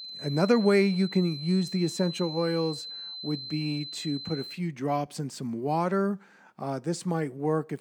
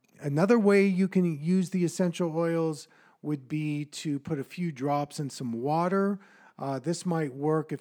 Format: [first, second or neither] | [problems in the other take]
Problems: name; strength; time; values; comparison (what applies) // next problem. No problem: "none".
second | high-pitched whine; loud; until 4.5 s; 4 kHz, 9 dB below the speech